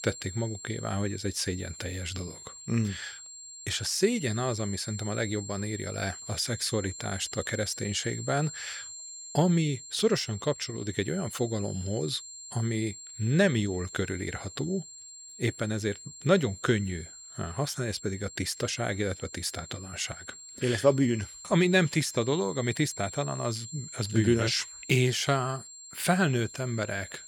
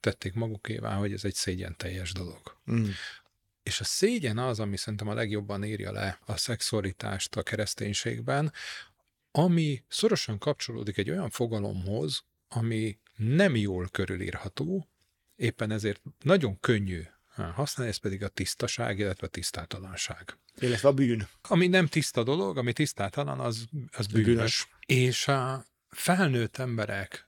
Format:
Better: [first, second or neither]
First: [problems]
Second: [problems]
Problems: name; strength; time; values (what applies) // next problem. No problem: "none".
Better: second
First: high-pitched whine; noticeable; throughout; 7.5 kHz, 10 dB below the speech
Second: none